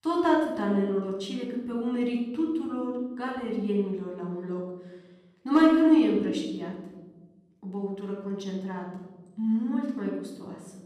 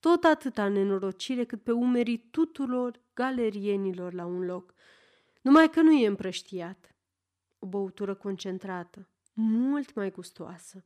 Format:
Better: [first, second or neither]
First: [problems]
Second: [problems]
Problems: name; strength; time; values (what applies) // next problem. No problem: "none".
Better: second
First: off-mic speech; far // room echo; noticeable; dies away in 1.4 s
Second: none